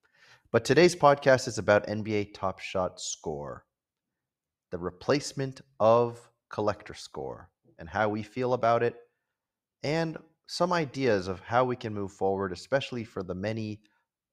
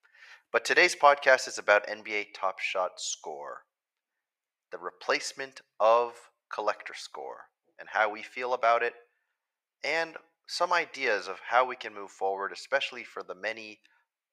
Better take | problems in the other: first | thin; very; fading below 700 Hz

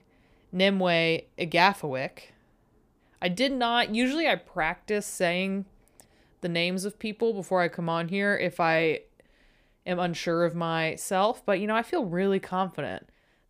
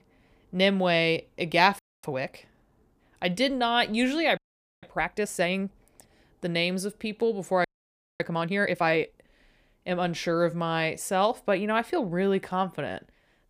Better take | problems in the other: first | audio freezing; at 2 s, at 4.5 s and at 7.5 s for 0.5 s

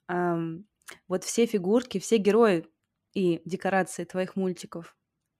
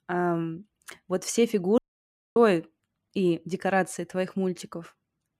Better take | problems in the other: first | audio cutting out; at 2 s for 0.5 s

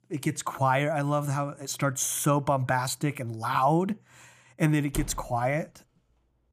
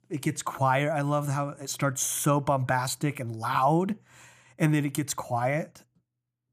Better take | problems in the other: second | door banging; faint; at 5 s; peak 10 dB below the speech

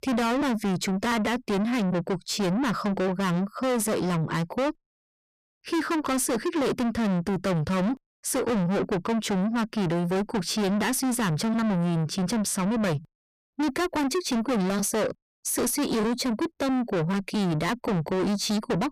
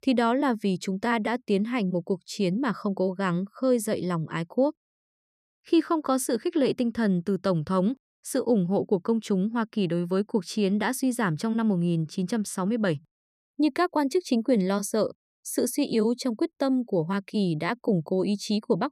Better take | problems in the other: second | distortion; heavy; 6 dB below the speech

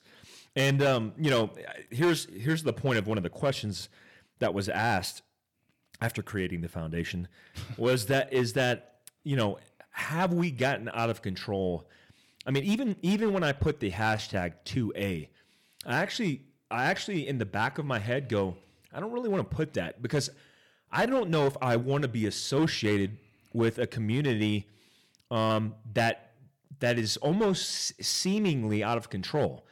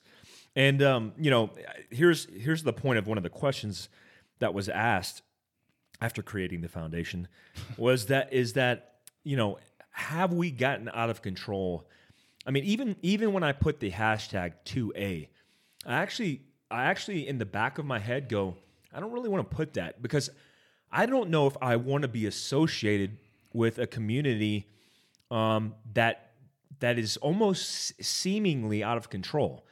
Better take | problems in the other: second | distortion; slight; 4% of the sound clipped

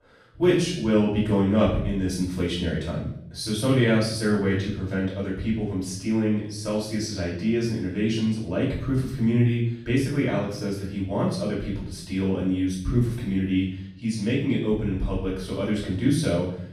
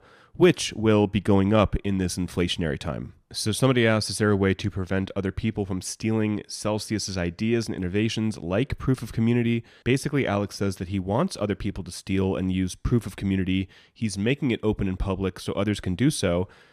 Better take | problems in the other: second | off-mic speech; far // room echo; noticeable; dies away in 0.7 s

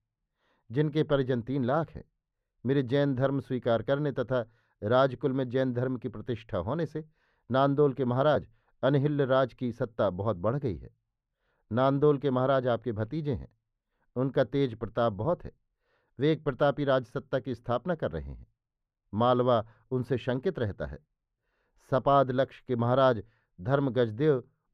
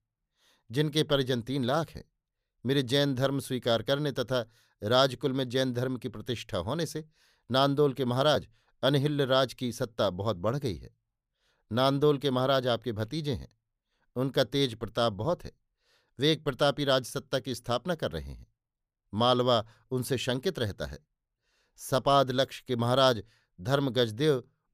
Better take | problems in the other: second | muffled; very; fading above 3.5 kHz

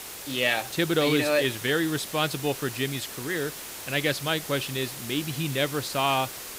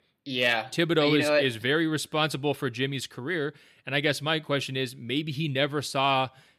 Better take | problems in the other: second | hiss; loud; throughout; 9 dB below the speech

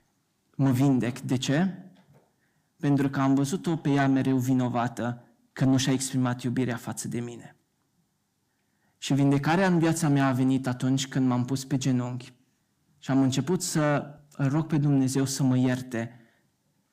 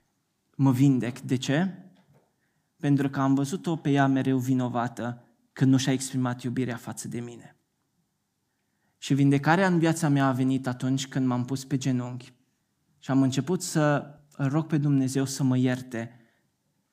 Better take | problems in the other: second | distortion; slight; 10 dB below the speech

